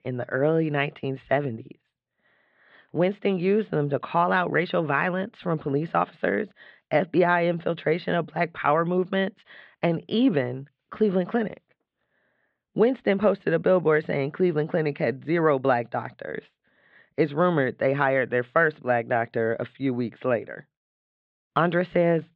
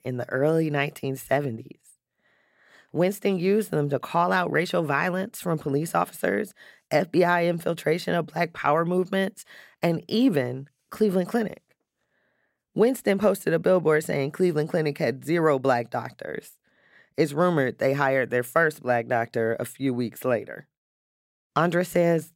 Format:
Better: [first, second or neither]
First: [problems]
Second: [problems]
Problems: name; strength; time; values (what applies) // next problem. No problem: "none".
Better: second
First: muffled; slightly; fading above 3.5 kHz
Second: none